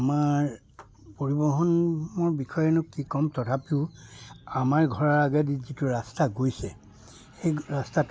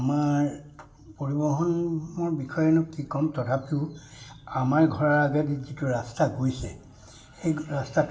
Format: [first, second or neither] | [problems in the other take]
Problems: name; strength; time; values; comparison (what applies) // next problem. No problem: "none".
first | room echo; dies away in 0.6 s